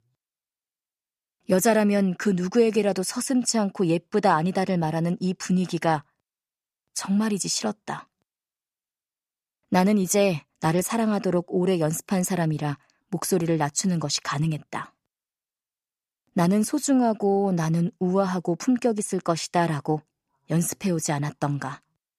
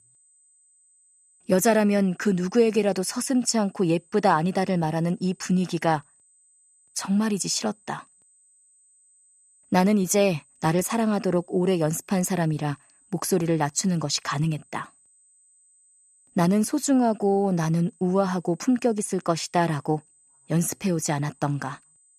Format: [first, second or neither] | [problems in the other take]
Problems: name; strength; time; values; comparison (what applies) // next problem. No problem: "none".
first | high-pitched whine; faint; throughout; 8 kHz, 35 dB below the speech